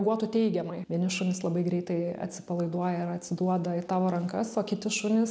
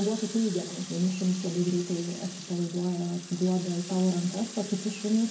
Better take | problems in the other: first | background sound (Water tap, faucet); 13 dB below the speech // room echo; dies away in 0.3 s

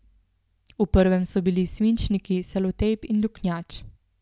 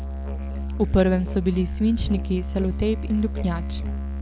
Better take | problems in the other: first | background sound (Musical instrument); 4 dB below the speech

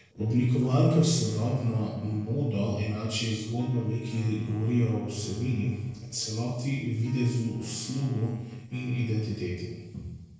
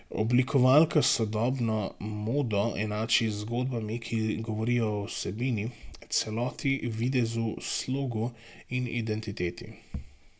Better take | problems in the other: second | noise reduction (neural separator model SepFormer DNS4)

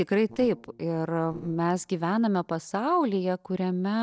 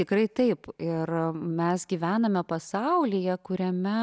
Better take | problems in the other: second | noise reduction (neural separator model SepFormer DNS4)

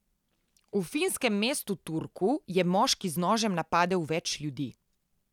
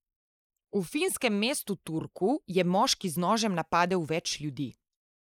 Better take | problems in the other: first | noise reduction (neural mask model Resemble Enhance denoiser)

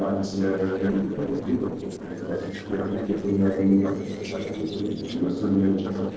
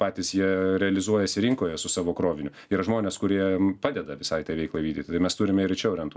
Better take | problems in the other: second | noise reduction (neural separator model SepFormer DNS4)

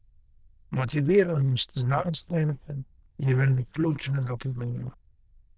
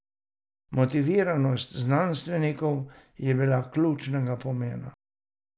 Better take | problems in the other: second | noise reduction (neural diffusion model UNIVERSE++)

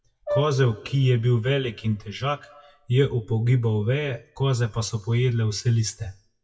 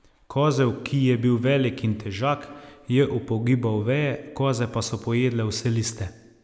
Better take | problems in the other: second | noise reduction (classical method WPE with log-MMSE)

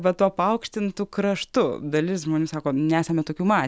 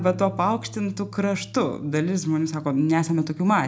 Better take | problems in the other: first | background sound (Bass guitar); 18 dB below the speech // room echo; dies away in 0.2 s

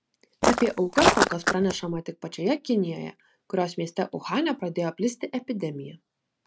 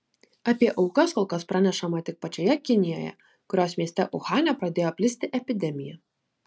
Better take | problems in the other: second | background sound (Walk, footsteps); 4 dB above the speech

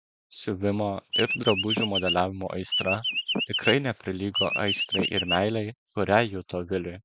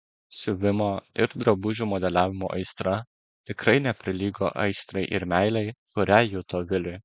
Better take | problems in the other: second | background sound (Chirp, tweet); 1 dB below the speech

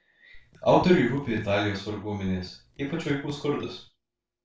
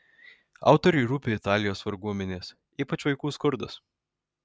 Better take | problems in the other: second | noise reduction (neural separator model SepFormer DNS4)

